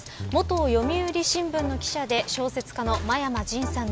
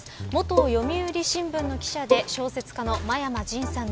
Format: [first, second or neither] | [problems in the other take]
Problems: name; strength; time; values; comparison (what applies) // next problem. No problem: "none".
first | background sound (Bowed string instrument); as loud as the speech